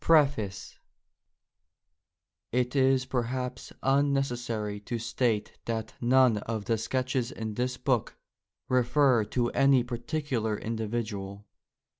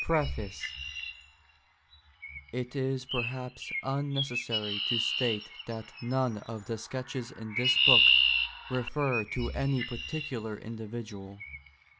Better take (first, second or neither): first